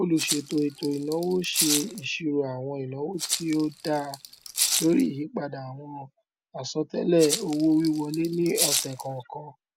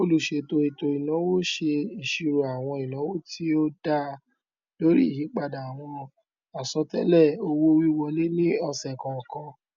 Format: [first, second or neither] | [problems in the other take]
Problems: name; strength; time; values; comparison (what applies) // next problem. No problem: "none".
second | background sound (Rattle (instrument)); 4 dB below the speech